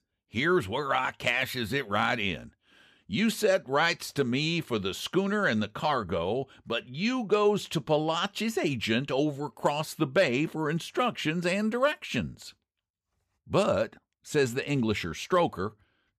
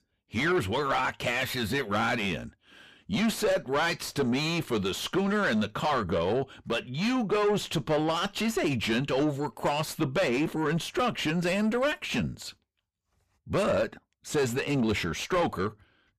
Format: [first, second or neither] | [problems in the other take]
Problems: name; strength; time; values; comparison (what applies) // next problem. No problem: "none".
first | distortion; heavy; 7 dB below the speech